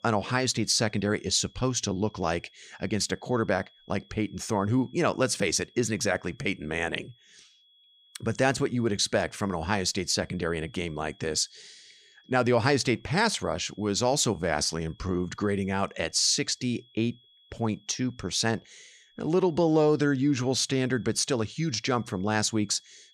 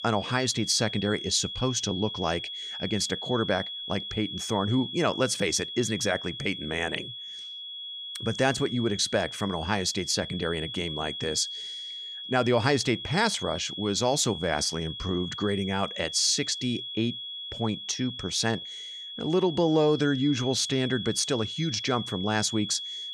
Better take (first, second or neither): first